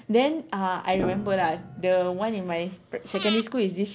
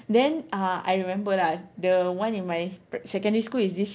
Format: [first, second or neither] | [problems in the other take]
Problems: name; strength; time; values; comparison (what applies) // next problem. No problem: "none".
second | background sound (Piano + Breathing); 10 dB below the speech